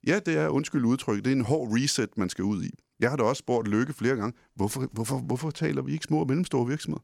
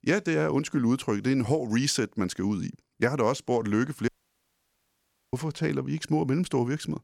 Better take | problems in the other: first | audio cutting out; at 4 s for 1.5 s

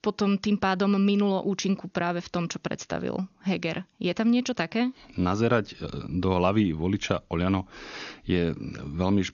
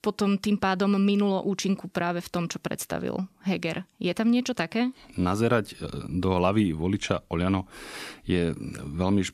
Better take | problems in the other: second | garbled, watery; slightly; nothing above 6.5 kHz

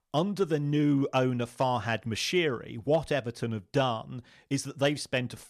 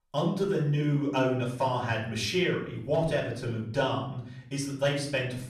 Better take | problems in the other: first | room echo; slight; dies away in 0.5 s // off-mic speech; far

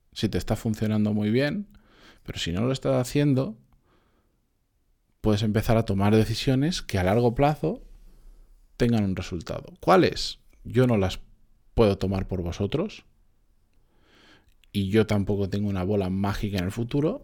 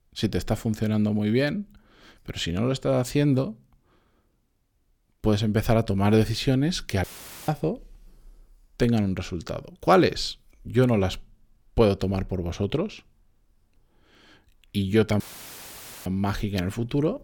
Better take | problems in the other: first | audio cutting out; filled with static; at 7 s and at 15 s for 1 s

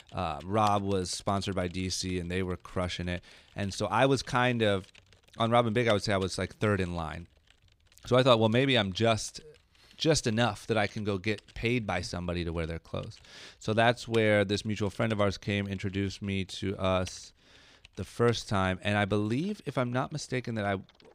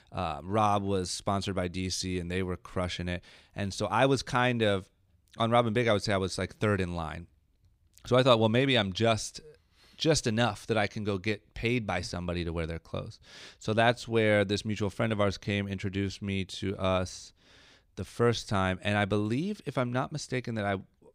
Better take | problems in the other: second | household noises; faint; throughout; 25 dB below the speech

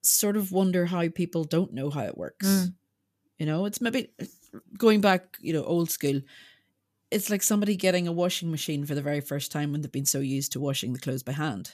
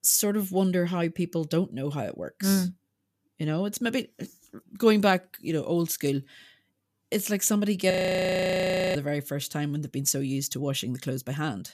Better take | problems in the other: first | audio freezing; at 8 s for 1 s

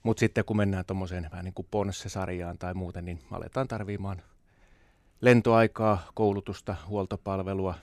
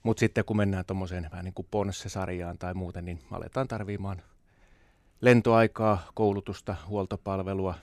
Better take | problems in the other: neither | none

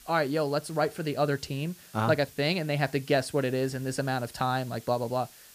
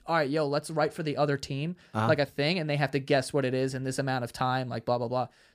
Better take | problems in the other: second | hiss; faint; throughout; 20 dB below the speech

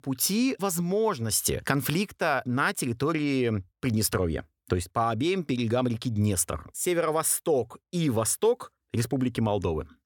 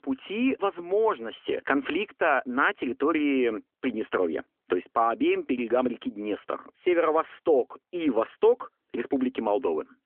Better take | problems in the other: first | phone-call audio; nothing above 3 kHz

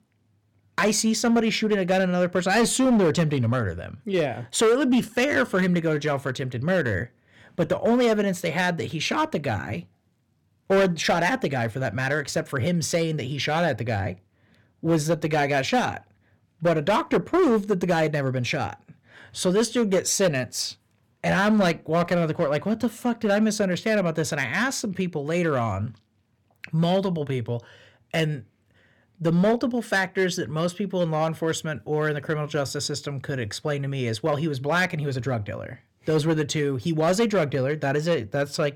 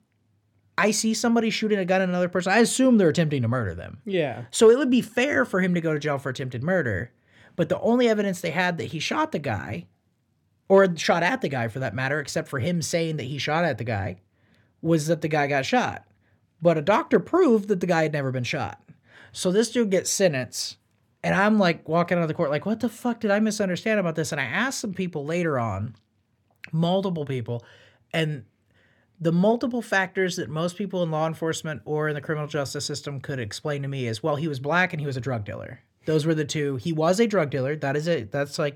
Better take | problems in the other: second | distortion; slight; 5% of the sound clipped

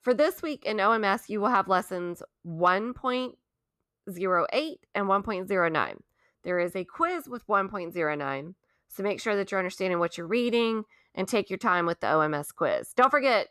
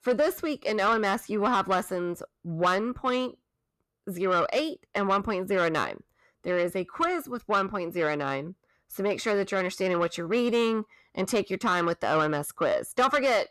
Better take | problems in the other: first | distortion; slight; 10 dB below the speech

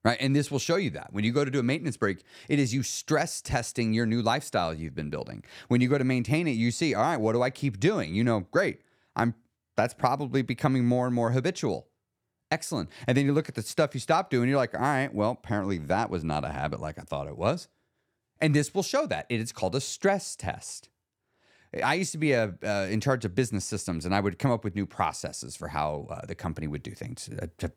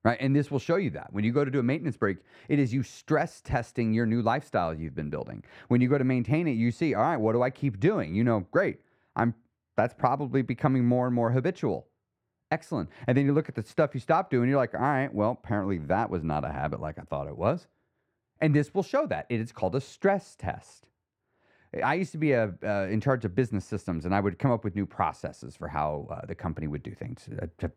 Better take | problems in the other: first | muffled; slightly; fading above 3 kHz

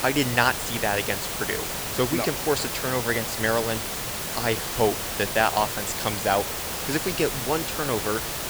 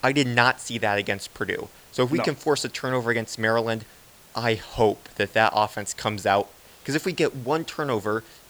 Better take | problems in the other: second | hiss; loud; throughout; 2 dB below the speech; faint in the second

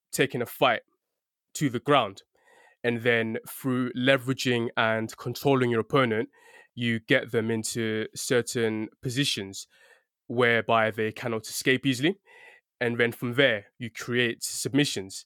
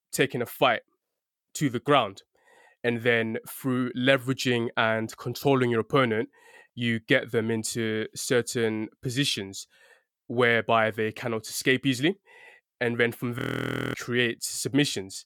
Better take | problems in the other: first | audio freezing; at 13 s for 0.5 s

